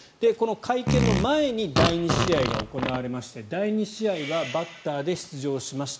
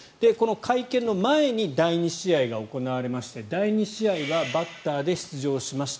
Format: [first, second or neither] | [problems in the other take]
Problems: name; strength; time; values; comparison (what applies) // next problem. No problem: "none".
second | background sound (Fart); 1 dB above the speech